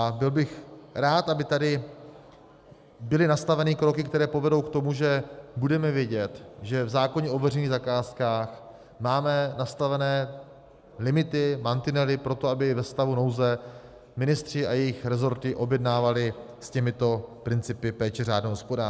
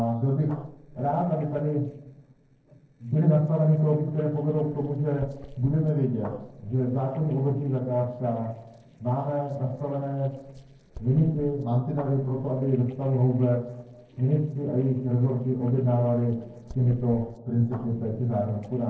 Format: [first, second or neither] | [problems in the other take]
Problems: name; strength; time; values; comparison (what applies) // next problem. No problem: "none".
first | noise reduction (neural separator model SepFormer DNS4)